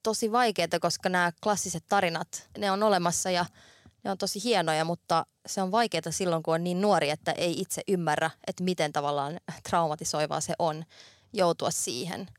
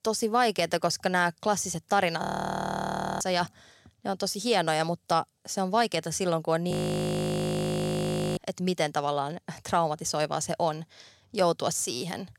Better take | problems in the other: first | audio freezing; at 2 s for 1 s and at 6.5 s for 1.5 s

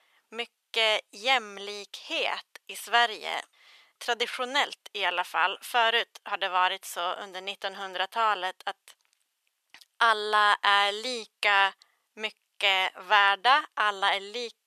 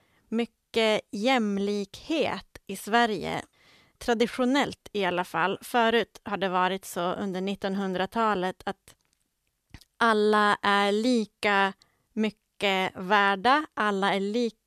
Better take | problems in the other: second | thin; very; fading below 850 Hz

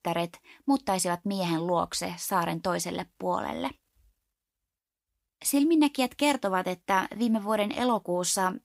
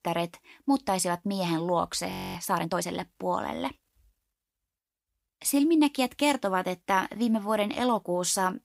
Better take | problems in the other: first | audio freezing; at 2 s

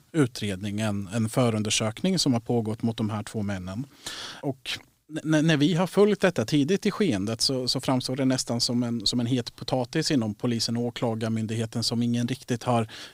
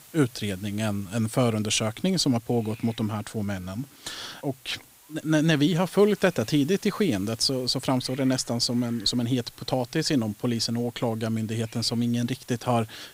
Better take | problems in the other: first | hiss; faint; throughout; 25 dB below the speech

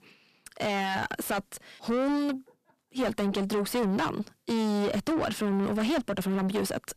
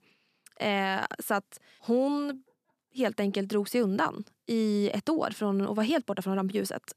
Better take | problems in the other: second | distortion; heavy; 7 dB below the speech

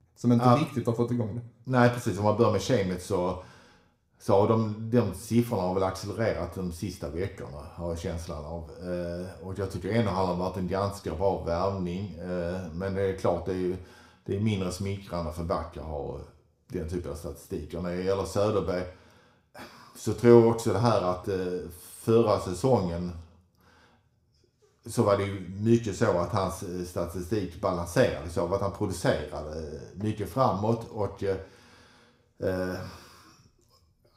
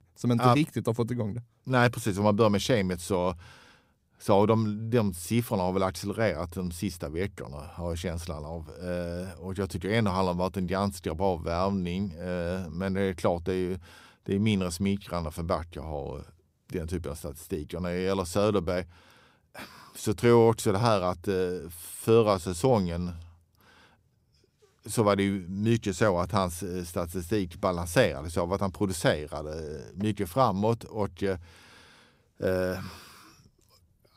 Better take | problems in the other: second | room echo; very slight; dies away in 0.5 s

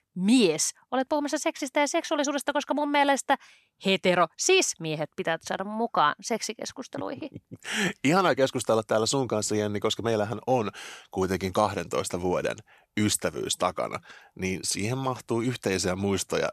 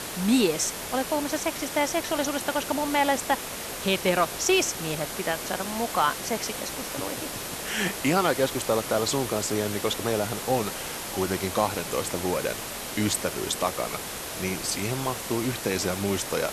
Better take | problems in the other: first | hiss; loud; throughout; 5 dB below the speech

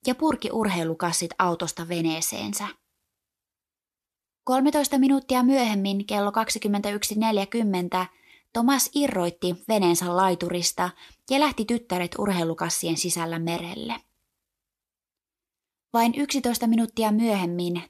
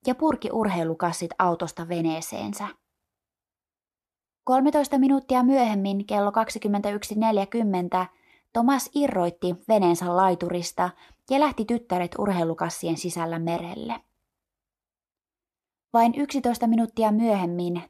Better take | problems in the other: first | muffled; slightly; fading above 2 kHz

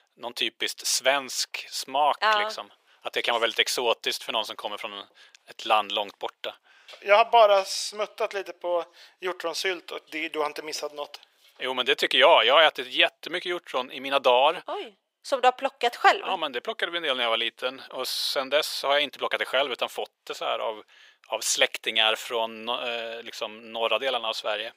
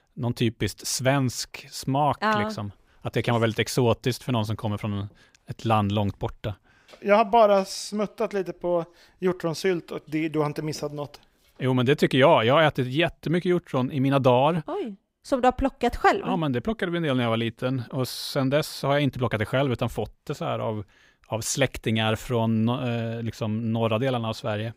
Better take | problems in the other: second | thin; very; fading below 500 Hz

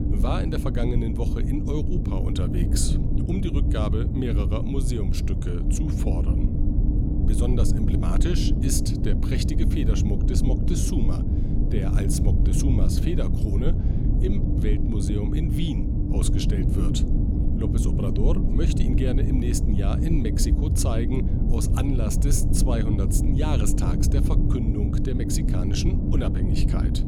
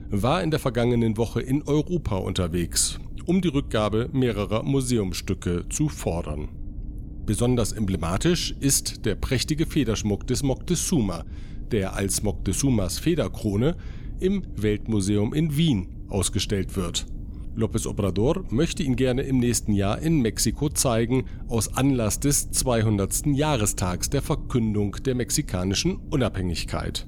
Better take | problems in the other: second | low rumble; loud; throughout; 1 dB below the speech; faint in the second

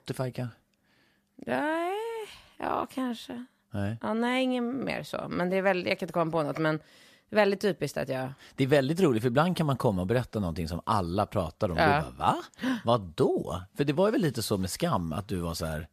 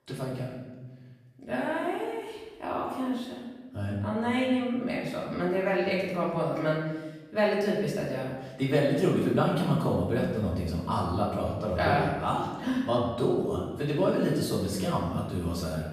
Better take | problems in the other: first | off-mic speech; far // room echo; noticeable; dies away in 1.1 s

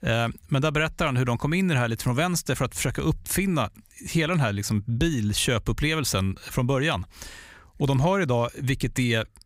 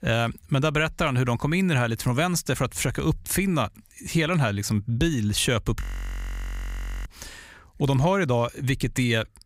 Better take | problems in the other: first | audio freezing; at 6 s for 1 s

